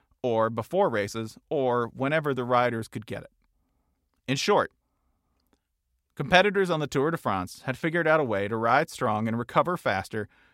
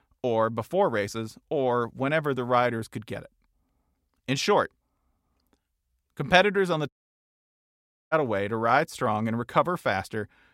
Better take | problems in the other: first | audio cutting out; at 7 s for 1 s

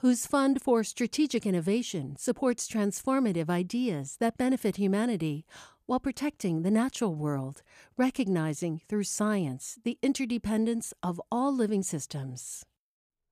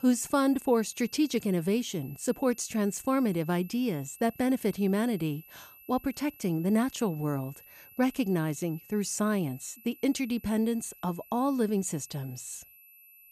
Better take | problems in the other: first | high-pitched whine; faint; throughout; 12 kHz, 20 dB below the speech

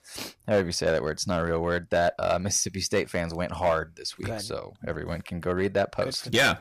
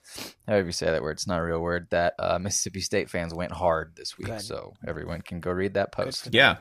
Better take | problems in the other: second | distortion; slight; 2% of the sound clipped

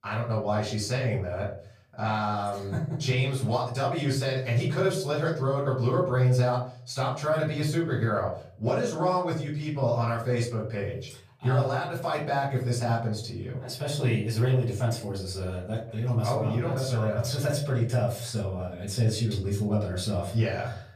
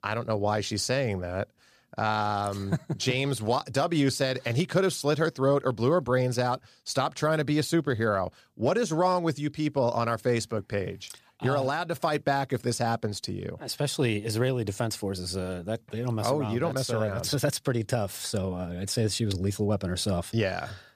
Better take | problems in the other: second | off-mic speech; far // room echo; slight; dies away in 0.5 s

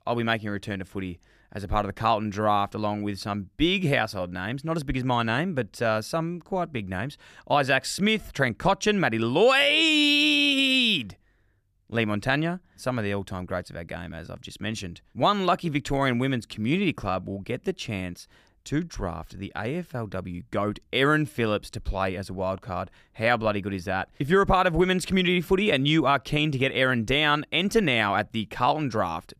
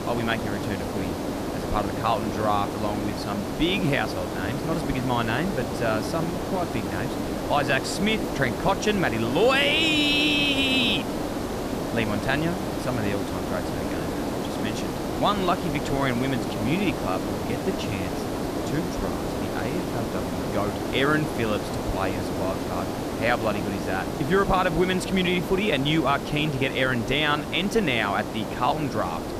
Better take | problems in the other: first | hiss; loud; throughout; 4 dB below the speech

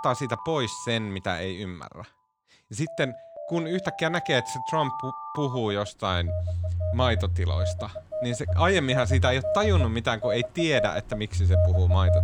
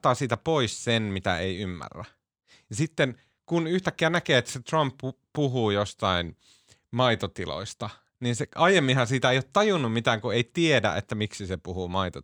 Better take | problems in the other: second | alarms or sirens; loud; throughout; 1 dB below the speech

